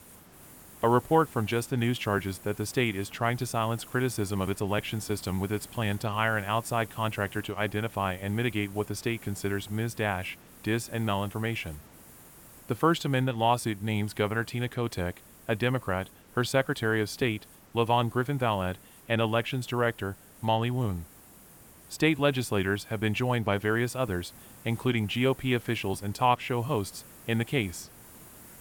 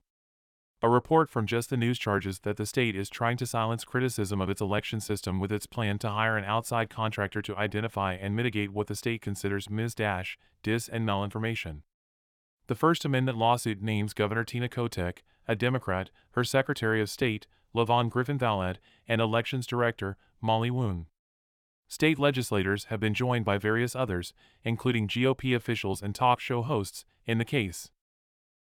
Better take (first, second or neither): second